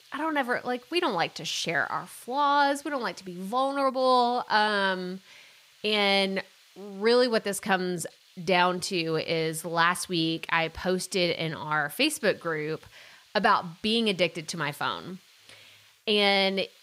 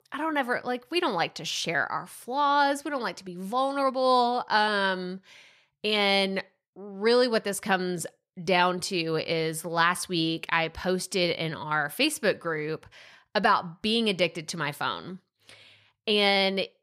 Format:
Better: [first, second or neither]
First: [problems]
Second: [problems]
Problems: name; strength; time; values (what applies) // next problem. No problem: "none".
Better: second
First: hiss; faint; throughout; 30 dB below the speech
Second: none